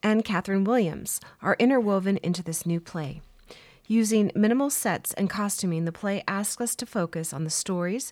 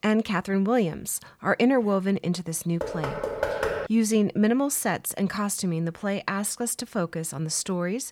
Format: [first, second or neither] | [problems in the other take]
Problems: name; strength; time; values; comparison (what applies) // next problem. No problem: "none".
first | door banging; noticeable; from 3 to 4 s; peak 2 dB below the speech